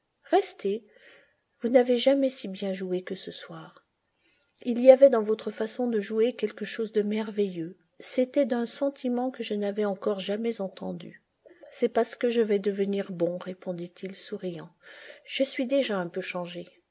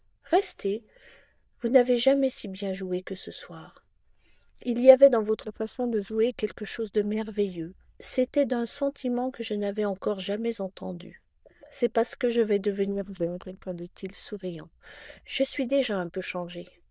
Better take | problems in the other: first | noise reduction (neural diffusion model UNIVERSE++)

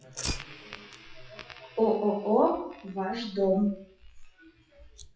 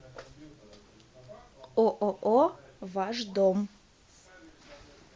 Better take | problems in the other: second | noise reduction (classical method WPE with log-MMSE)

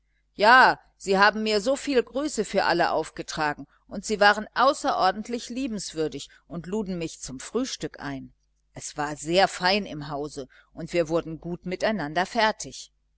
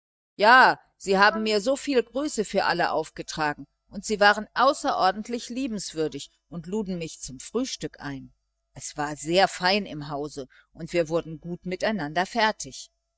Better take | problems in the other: first | noise reduction (neural mask model DeepFilterNet 3)

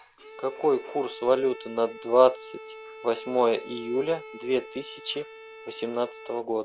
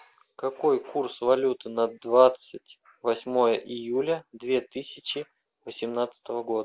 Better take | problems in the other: second | background sound (Bowed string instrument); 16 dB below the speech

